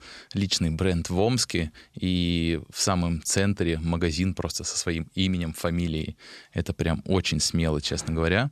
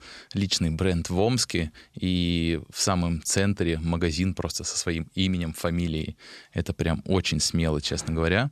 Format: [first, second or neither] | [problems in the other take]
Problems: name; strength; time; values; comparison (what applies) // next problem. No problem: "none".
neither | none